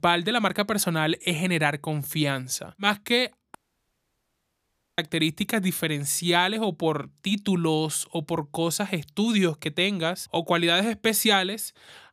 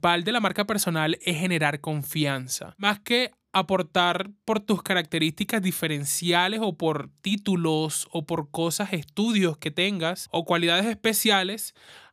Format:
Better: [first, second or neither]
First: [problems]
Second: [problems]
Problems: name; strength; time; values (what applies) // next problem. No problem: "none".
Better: second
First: audio cutting out; at 3.5 s for 1.5 s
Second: none